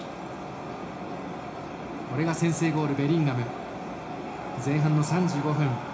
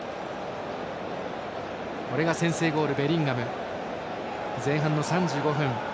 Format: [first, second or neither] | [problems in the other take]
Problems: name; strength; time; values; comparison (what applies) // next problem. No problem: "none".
second | room echo; dies away in 0.4 s